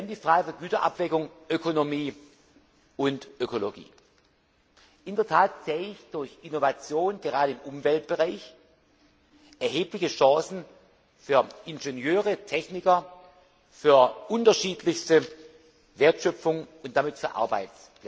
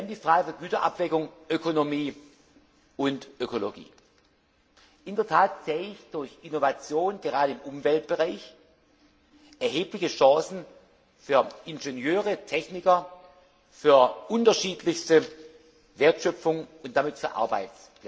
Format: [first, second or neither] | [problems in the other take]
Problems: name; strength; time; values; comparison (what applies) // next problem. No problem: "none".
first | room echo; dies away in 0.4 s